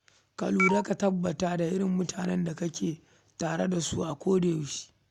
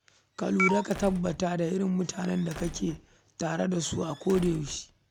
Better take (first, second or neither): first